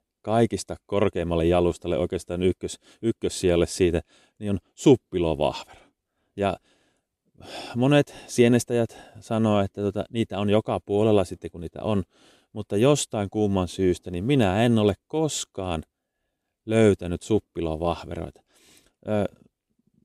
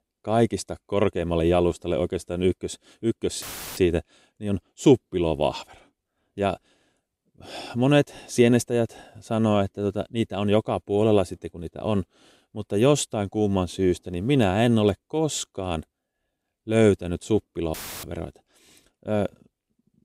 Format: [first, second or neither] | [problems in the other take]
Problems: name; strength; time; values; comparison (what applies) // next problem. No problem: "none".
first | audio cutting out; filled with static; at 3.5 s and at 18 s